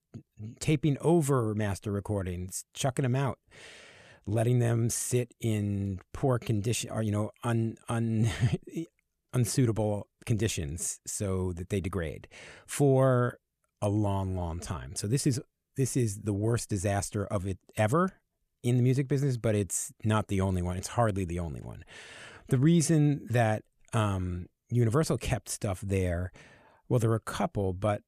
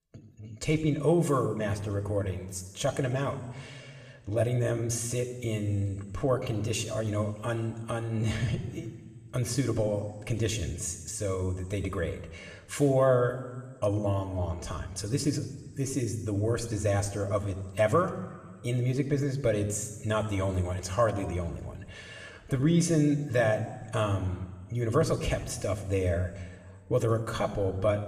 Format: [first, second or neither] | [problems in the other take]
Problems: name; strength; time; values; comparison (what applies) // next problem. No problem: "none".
first | room echo; slight; dies away in 2 s